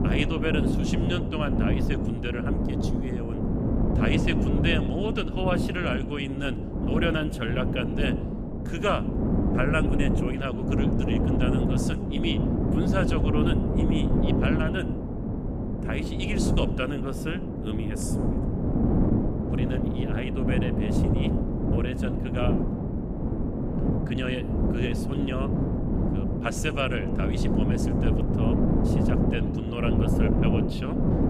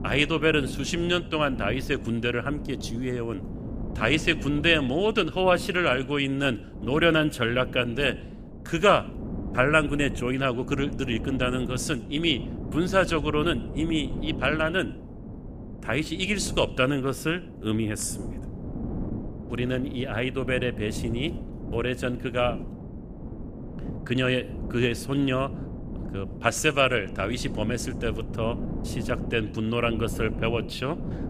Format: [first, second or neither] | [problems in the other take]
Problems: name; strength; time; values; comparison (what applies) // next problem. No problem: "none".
second | wind noise on the microphone; heavy; as loud as the speech; occasional gusts in the second